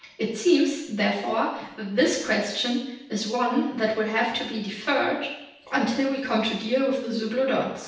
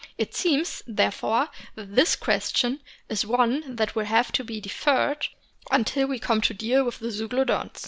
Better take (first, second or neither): second